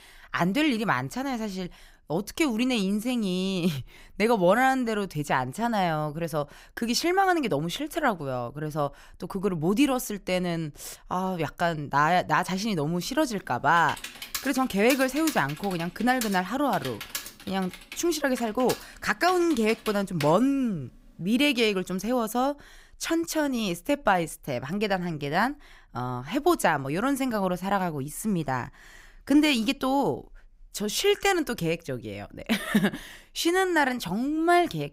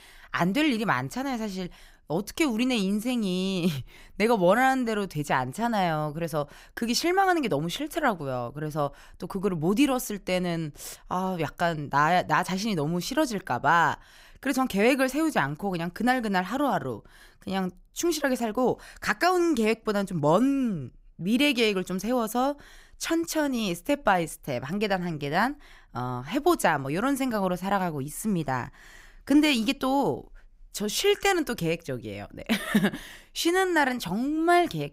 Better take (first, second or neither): second